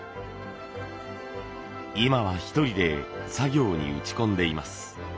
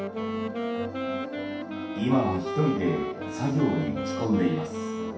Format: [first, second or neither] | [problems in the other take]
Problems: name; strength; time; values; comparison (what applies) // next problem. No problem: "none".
first | background sound (Wind instrument, woodwind instrument); 4 dB below the speech // room echo; dies away in 0.7 s